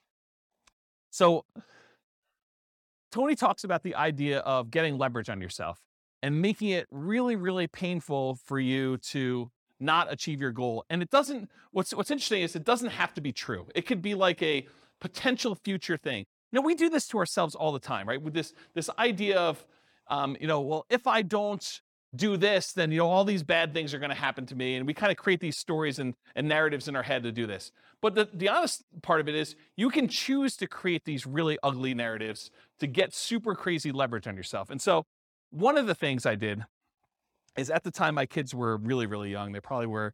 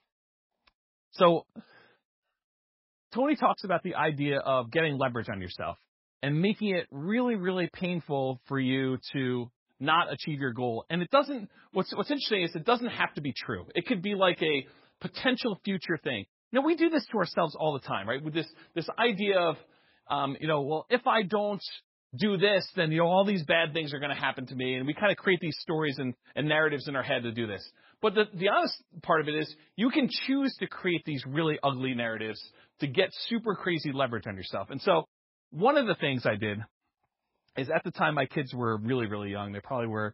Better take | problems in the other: first | garbled, watery; badly; nothing above 5.5 kHz

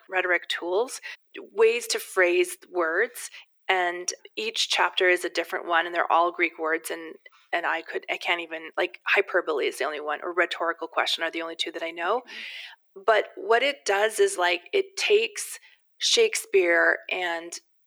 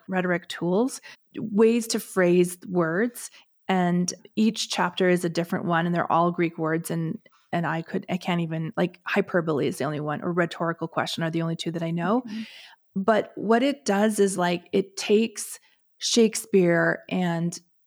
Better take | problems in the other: second | thin; very; fading below 350 Hz

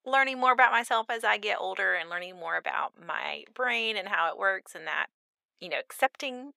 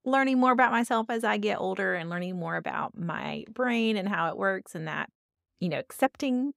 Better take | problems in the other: second | thin; very; fading below 650 Hz

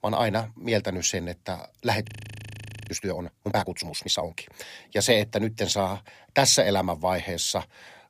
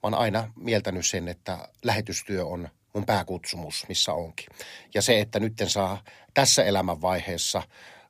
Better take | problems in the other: second | audio freezing; at 2 s for 1 s

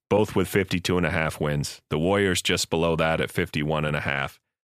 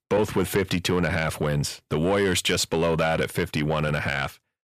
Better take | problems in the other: first | distortion; slight; 10 dB below the speech

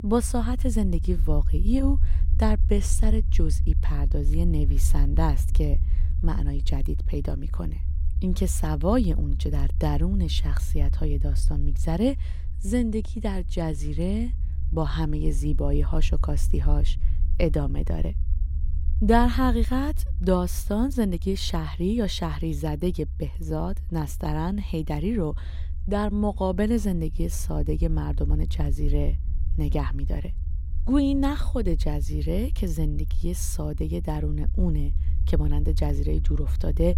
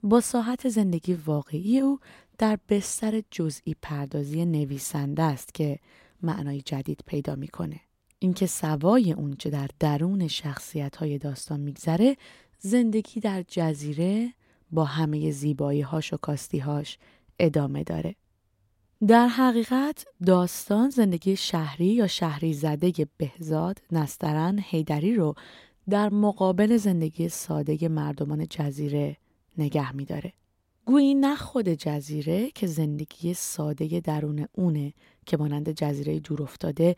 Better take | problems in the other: second | low rumble; noticeable; throughout; 15 dB below the speech

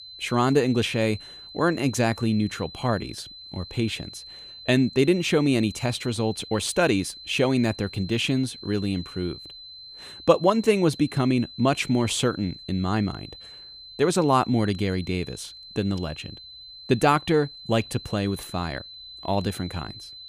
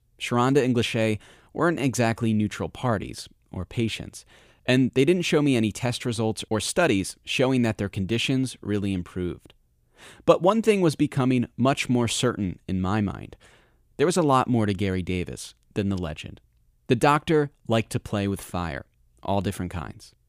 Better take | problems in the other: second | high-pitched whine; noticeable; throughout; 4 kHz, 15 dB below the speech

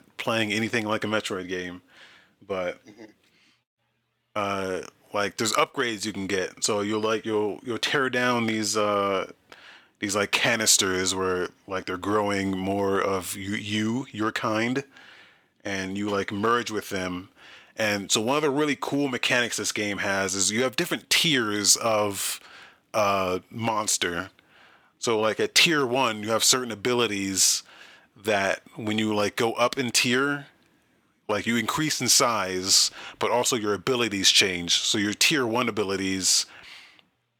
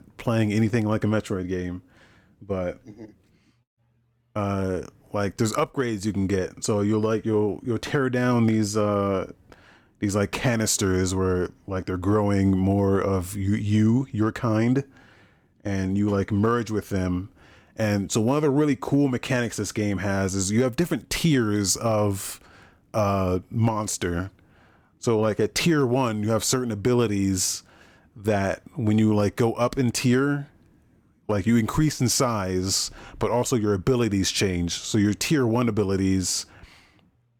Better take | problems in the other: second | thin; somewhat; fading below 700 Hz

